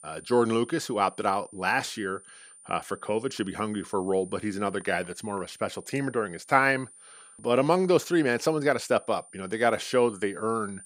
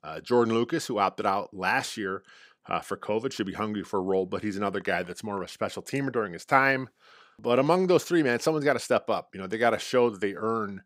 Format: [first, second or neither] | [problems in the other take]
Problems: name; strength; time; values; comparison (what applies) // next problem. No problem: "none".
second | high-pitched whine; faint; throughout; 9.5 kHz, 20 dB below the speech